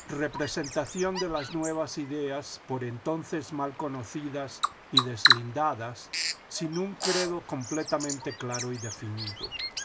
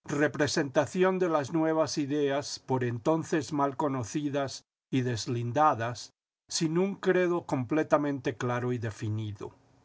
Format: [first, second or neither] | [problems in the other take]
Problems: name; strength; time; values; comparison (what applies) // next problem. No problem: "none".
second | background sound (Bird vocalization, bird call, bird song); 1 dB below the speech